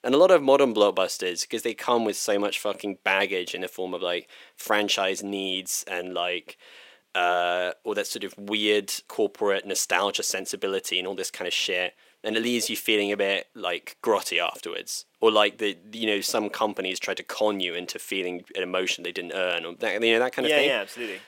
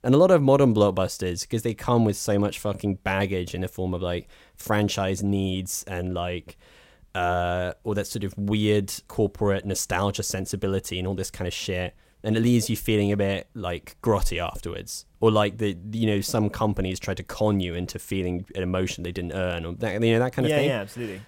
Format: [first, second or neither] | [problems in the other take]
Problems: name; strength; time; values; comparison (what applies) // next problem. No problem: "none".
second | thin; somewhat; fading below 300 Hz